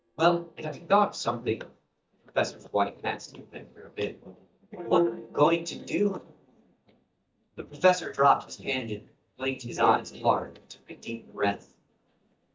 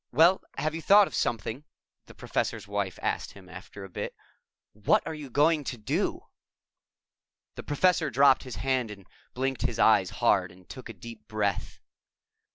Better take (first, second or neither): second